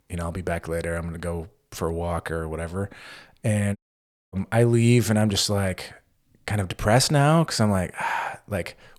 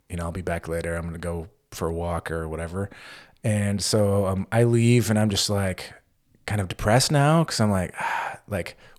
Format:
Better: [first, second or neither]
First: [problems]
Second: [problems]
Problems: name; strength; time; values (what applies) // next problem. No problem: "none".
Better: second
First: audio cutting out; at 4 s for 0.5 s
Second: none